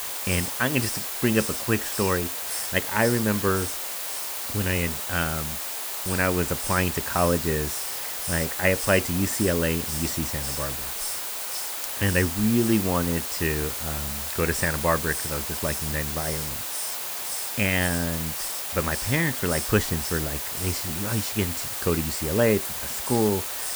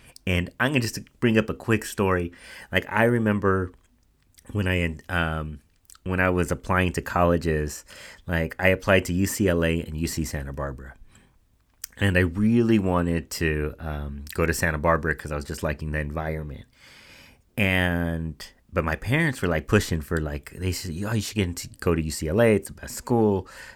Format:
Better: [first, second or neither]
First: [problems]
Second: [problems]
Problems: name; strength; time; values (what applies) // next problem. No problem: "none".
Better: second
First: hiss; loud; throughout; 2 dB below the speech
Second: none